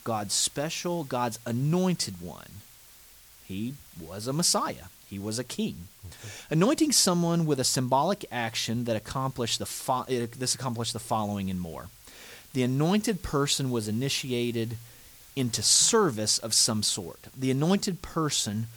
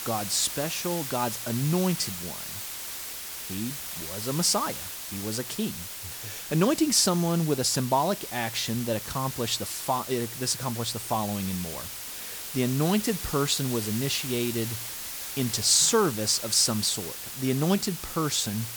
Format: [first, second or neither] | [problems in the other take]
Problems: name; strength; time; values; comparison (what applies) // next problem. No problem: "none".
first | hiss; loud; throughout; 8 dB below the speech; faint in the first